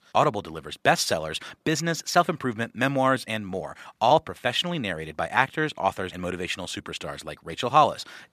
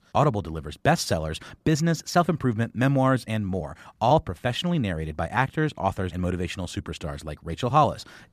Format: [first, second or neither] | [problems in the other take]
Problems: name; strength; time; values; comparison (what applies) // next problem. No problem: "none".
second | thin; somewhat; fading below 500 Hz